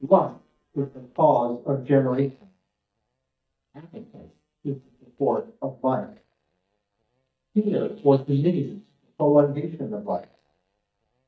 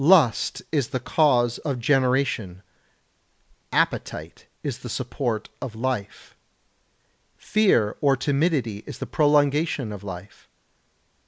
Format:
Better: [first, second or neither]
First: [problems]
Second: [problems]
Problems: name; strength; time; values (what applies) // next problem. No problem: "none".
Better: second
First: noise reduction (neural mask model DeepFilterNet 3)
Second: none